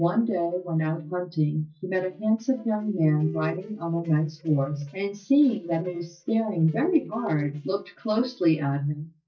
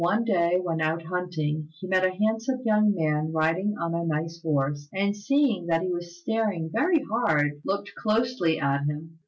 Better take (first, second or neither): second